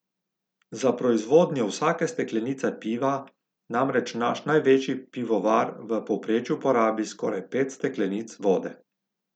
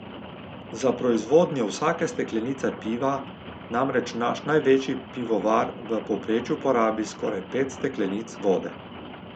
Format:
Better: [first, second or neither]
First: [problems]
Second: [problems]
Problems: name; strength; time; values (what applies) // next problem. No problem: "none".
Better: first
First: none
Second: background sound (Rain); 14 dB below the speech